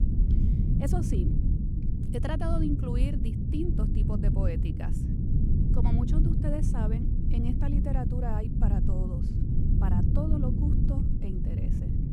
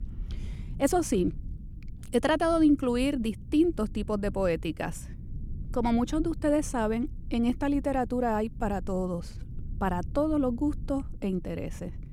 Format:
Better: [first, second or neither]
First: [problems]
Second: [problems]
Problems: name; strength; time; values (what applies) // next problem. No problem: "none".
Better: second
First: low rumble; loud; throughout; as loud as the speech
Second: low rumble; faint; throughout; 25 dB below the speech